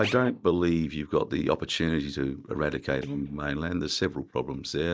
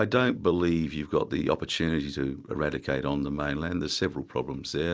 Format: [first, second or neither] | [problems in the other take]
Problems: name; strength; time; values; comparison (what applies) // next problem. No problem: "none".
second | noise reduction (neural mask model DeepFilterNet 3)